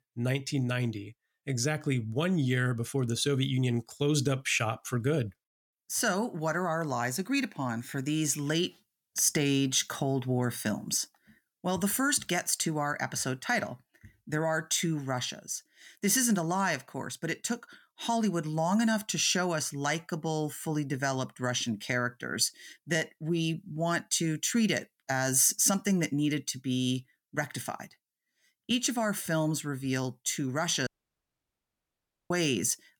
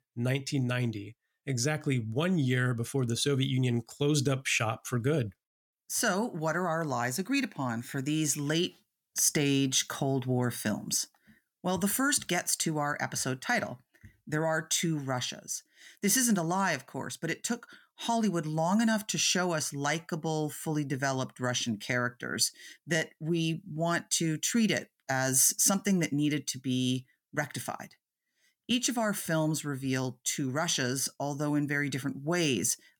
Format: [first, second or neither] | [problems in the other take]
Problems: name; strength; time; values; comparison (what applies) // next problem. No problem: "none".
second | audio cutting out; at 31 s for 1.5 s